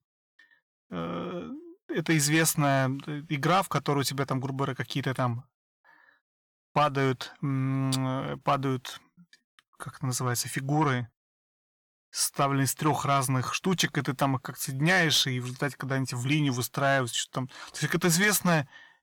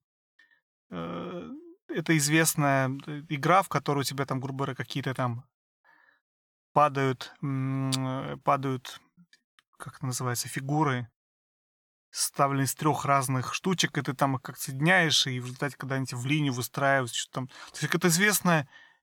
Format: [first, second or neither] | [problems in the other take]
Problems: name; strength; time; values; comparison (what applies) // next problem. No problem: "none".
second | distortion; slight; 10 dB below the speech